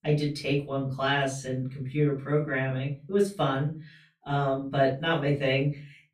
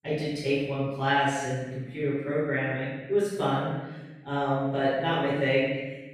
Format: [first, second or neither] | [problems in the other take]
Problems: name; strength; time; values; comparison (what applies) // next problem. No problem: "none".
first | room echo; strong; dies away in 1 s; slight in the first // off-mic speech; far; far in the first